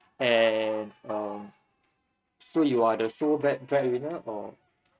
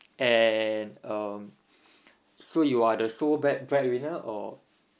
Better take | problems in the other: second | noise reduction (neural mask model RNNoise)

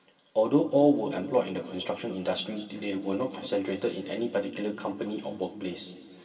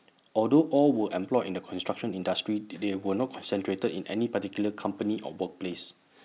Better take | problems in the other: second | room echo; dies away in 2.4 s

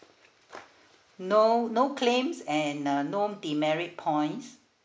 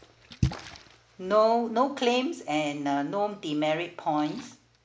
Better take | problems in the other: first | background sound (Splash, splatter); 11 dB below the speech

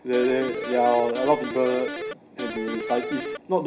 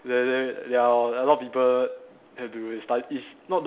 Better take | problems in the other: second | background sound (Electric guitar); 7 dB below the speech // room echo; dies away in 0.5 s

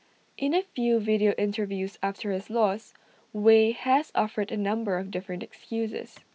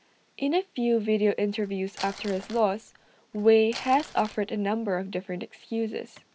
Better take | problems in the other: first | background sound (Crumpling, crinkling); 18 dB below the speech

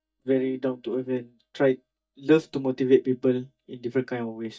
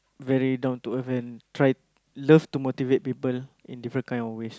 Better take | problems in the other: second | noise reduction (neural mask model DeepFilterNet 3)

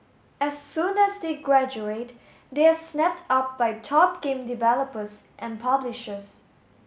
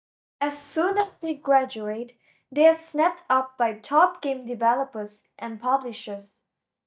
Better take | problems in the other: first | noise reduction (neural mask model DeepFilterNet 3)

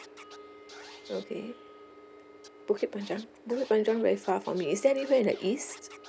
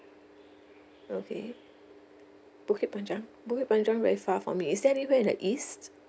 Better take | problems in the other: second | background sound (Scratching (performance technique) + Wind instrument, woodwind instrument); 20 dB below the speech

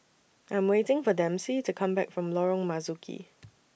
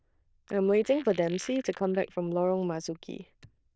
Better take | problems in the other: first | noise reduction (neural diffusion model UNIVERSE++)

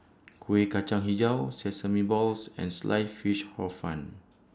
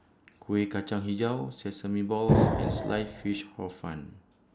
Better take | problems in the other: first | background sound (Explosion); 4 dB above the speech

